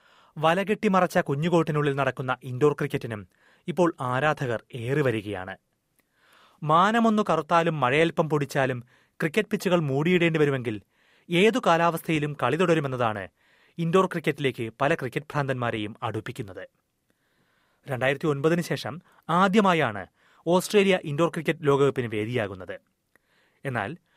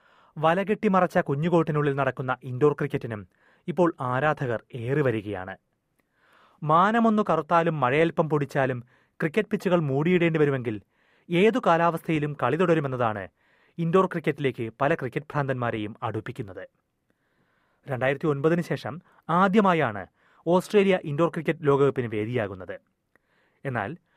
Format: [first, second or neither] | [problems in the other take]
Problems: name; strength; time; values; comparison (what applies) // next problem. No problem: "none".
first | muffled; slightly; fading above 2.5 kHz